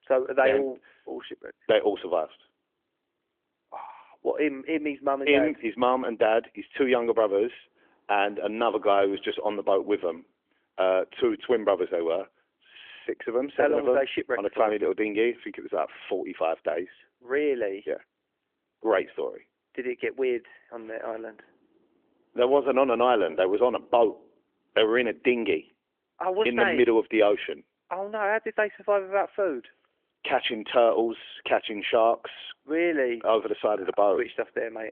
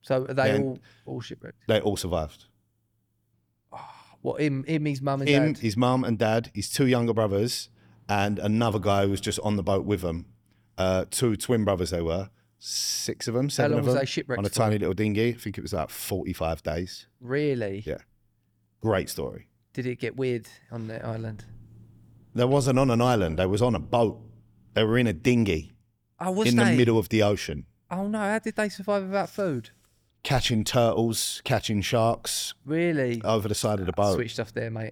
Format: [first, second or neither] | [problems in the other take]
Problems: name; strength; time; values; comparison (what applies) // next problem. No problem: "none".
second | phone-call audio; nothing above 3.5 kHz